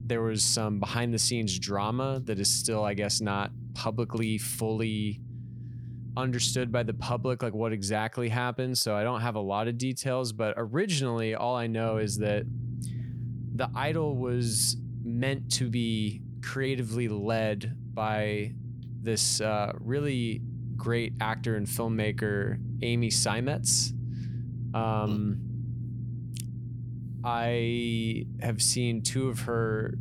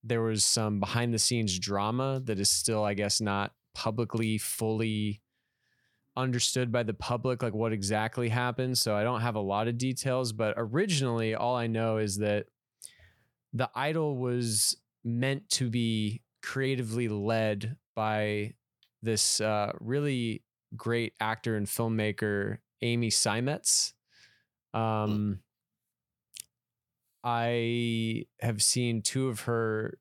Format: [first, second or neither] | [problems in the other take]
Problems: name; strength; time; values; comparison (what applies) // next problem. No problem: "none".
second | low rumble; noticeable; until 7.5 s and from 12 s on; 20 dB below the speech